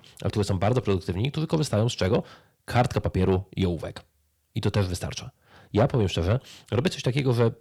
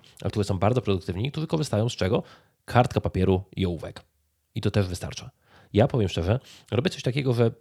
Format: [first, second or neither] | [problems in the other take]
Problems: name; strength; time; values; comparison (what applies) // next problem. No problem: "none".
second | distortion; slight; 10 dB below the speech